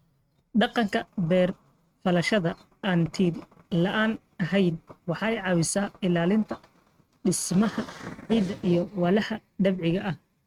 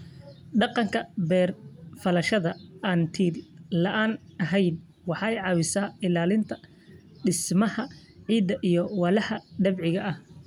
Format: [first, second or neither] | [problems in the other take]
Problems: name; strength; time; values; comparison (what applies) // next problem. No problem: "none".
second | noise reduction (neural mask model RNNoise)